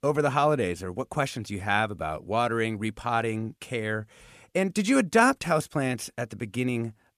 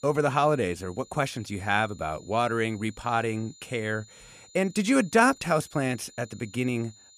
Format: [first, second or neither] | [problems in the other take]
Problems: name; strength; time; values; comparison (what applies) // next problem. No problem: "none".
first | high-pitched whine; faint; throughout; 7 kHz, 25 dB below the speech